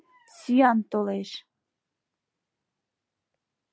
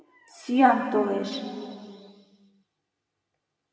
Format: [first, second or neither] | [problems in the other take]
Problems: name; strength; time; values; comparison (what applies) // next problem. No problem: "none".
first | room echo; dies away in 2.4 s